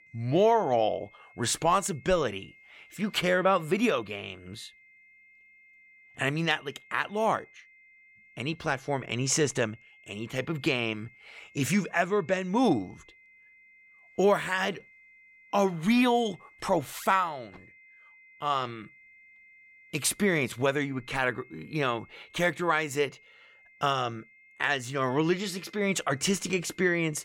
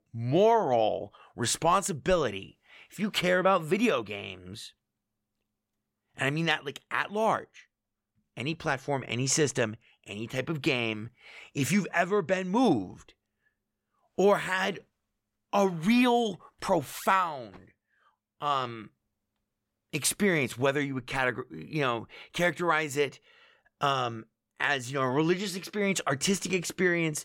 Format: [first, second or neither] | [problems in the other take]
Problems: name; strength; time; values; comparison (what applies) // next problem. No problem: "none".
second | high-pitched whine; faint; throughout; 2 kHz, 25 dB below the speech